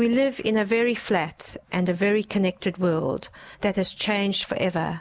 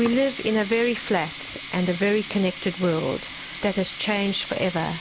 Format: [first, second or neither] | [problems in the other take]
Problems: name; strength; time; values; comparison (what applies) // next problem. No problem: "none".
first | background sound (Sink (filling or washing)); 12 dB below the speech